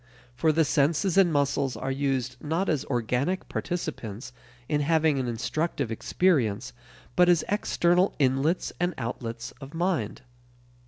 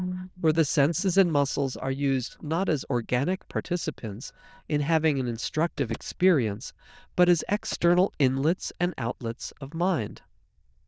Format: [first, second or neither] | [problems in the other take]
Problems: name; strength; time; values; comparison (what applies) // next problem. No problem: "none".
first | noise reduction (neural diffusion model UNIVERSE++)